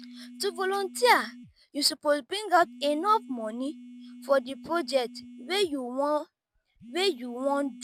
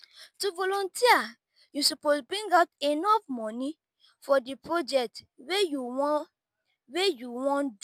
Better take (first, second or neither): second